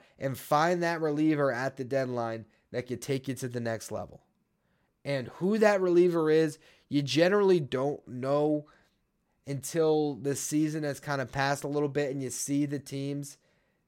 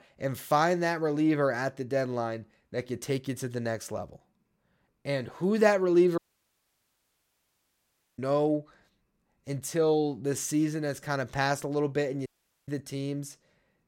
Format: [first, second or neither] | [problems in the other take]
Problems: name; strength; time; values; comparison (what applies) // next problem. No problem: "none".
first | audio cutting out; at 6 s for 2 s and at 12 s